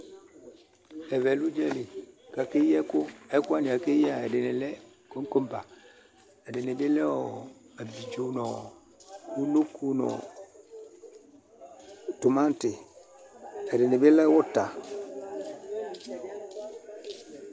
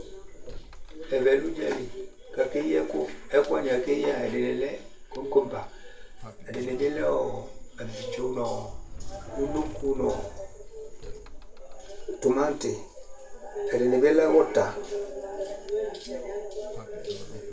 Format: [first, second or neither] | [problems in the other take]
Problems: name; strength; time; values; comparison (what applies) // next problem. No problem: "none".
first | background sound (Sliding door); 11 dB below the speech // room echo; dies away in 0.3 s